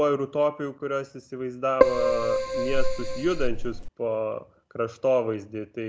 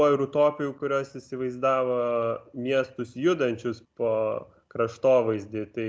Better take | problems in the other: second | background sound (Keyboard (musical)); 4 dB above the speech

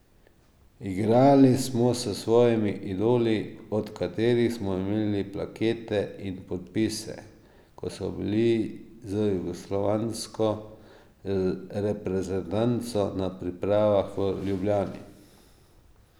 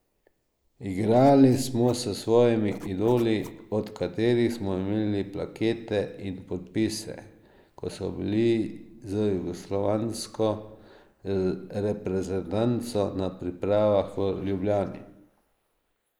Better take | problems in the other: first | noise reduction (neural mask model Resemble Enhance denoiser)

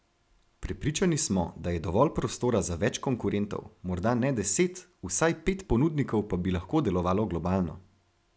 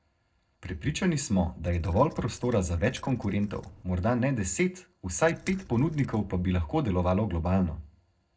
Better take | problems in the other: first | noise reduction (neural separator model SepFormer DNS4)

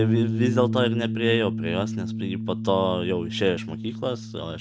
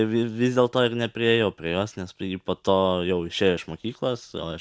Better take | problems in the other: second | background sound (Bass guitar); 2 dB below the speech

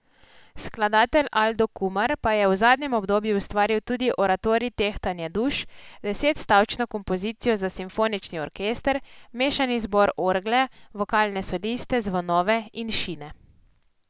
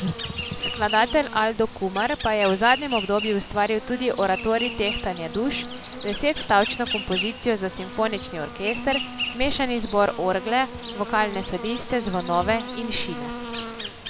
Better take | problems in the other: first | background sound (Insect); 8 dB below the speech

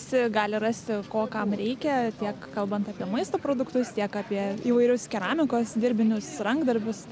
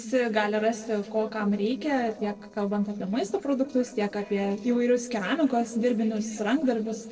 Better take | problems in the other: first | noise reduction (neural separator model SepFormer DNS4)

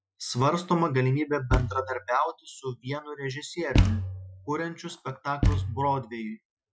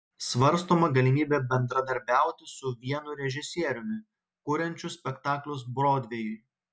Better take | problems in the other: second | noise reduction (classical method Wiener filter)

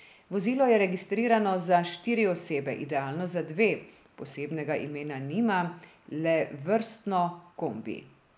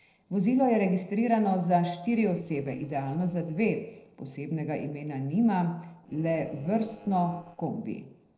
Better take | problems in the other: first | noise reduction (neural separator model SepFormer DNS4)

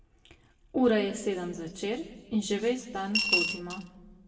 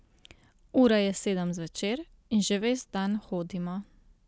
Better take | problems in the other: second | background sound (Coin (dropping) / Glass); 2 dB above the speech // room echo; dies away in 1.2 s

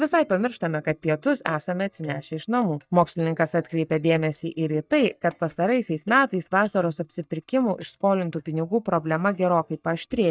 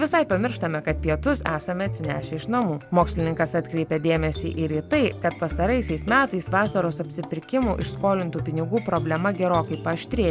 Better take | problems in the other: second | noise reduction (neural mask model DeepFilterNet 3)

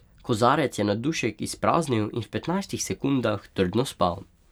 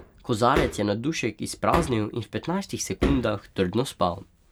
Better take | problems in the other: first | background sound (Hammer); 7 dB below the speech

